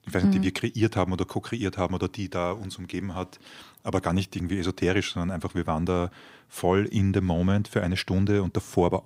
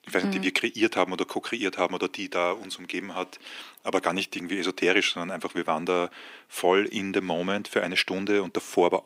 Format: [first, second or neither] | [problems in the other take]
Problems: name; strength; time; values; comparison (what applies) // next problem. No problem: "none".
first | thin; somewhat; fading below 300 Hz